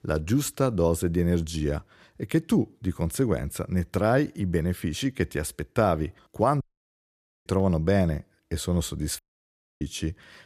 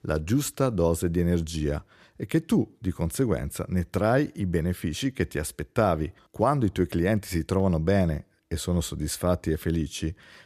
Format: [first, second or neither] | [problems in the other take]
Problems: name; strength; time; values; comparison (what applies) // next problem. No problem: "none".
second | audio cutting out; at 6.5 s for 1 s and at 9 s for 0.5 s